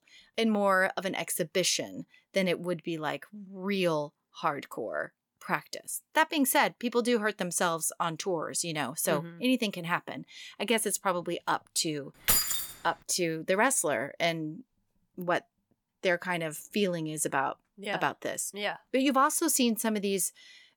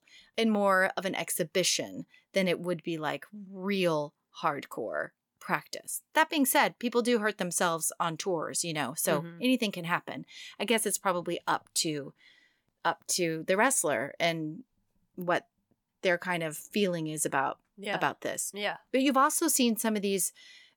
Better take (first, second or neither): second